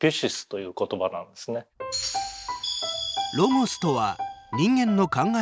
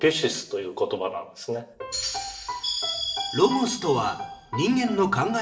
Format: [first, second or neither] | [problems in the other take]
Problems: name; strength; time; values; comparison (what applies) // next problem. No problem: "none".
first | room echo; dies away in 0.6 s